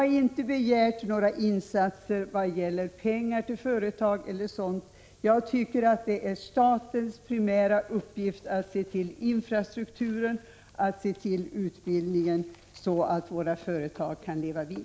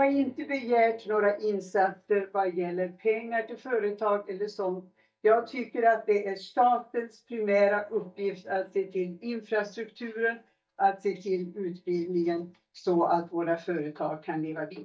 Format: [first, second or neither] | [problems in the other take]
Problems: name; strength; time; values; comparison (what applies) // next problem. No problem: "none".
first | noise reduction (neural mask model DeepFilterNet 3)